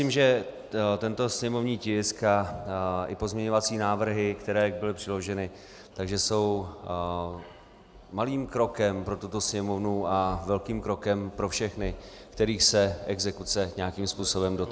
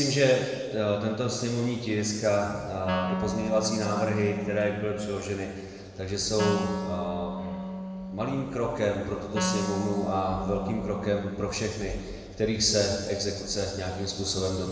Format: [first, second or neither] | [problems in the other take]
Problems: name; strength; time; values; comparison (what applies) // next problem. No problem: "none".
first | background sound (Wind instrument, woodwind instrument); 6 dB below the speech // room echo; dies away in 1.6 s